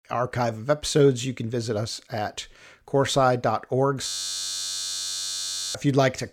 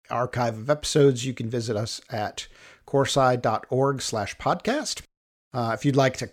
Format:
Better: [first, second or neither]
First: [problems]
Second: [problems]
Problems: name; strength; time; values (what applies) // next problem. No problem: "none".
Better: second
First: audio freezing; at 4 s for 1.5 s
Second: none